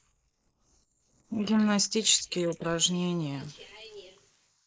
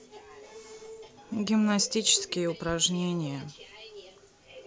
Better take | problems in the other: second | noise reduction (neural mask model Resemble Enhance denoiser)

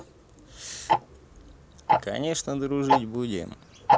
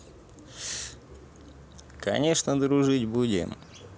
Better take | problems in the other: second | background sound (Tick-tock); 4 dB above the speech

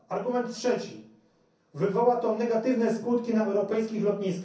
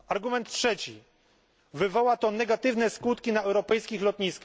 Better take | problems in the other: second | room echo; dies away in 0.6 s

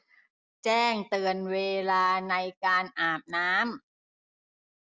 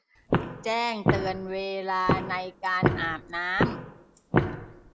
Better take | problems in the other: first | background sound (Walk, footsteps); 2 dB above the speech

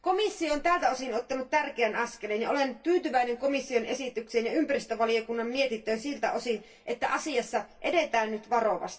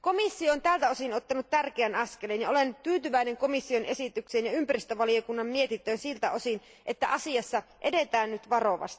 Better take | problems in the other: second | room echo; dies away in 0.2 s

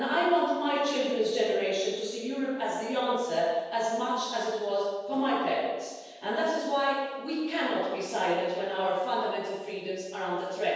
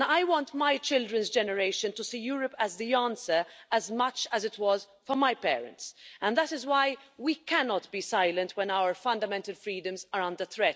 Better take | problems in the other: second | room echo; dies away in 1.2 s

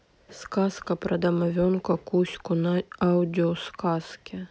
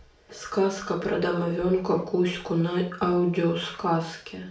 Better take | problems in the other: first | room echo; dies away in 0.4 s

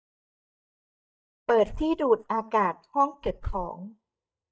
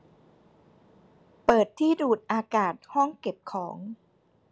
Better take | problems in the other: second | noise reduction (neural mask model DeepFilterNet 3)

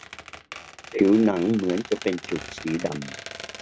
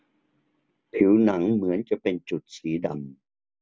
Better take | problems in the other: second | background sound (Squeak); 14 dB below the speech

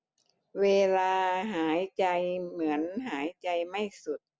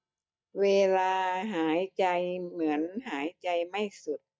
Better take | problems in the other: first | noise reduction (neural mask model DeepFilterNet 3)

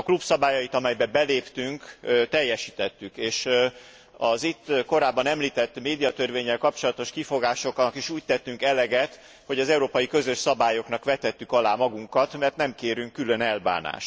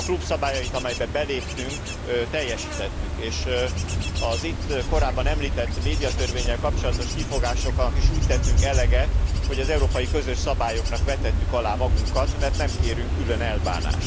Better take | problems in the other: first | background sound (Wind / Bird / Insect); 5 dB above the speech

